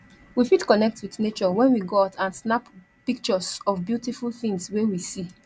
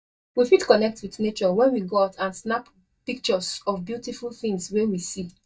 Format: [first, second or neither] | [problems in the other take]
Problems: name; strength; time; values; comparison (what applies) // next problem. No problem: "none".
first | noise reduction (neural mask model DeepFilterNet 3)